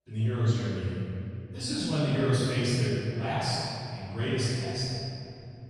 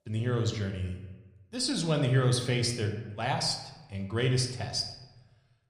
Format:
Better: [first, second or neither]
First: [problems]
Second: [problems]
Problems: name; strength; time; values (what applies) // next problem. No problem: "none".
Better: second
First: room echo; strong; dies away in 2.8 s // off-mic speech; far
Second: room echo; slight; dies away in 0.8 s